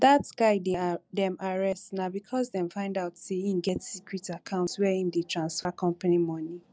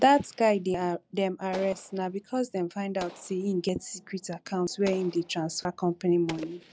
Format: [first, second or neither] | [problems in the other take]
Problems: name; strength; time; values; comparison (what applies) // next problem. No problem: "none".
first | background sound (Explosion); 20 dB below the speech